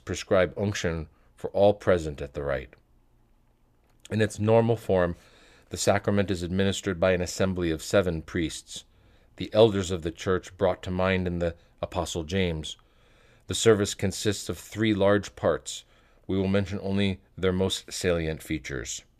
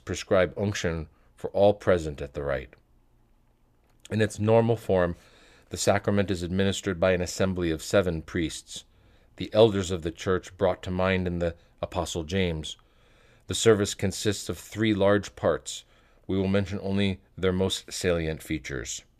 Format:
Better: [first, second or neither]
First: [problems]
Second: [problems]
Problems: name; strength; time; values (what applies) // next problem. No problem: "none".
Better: neither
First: none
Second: none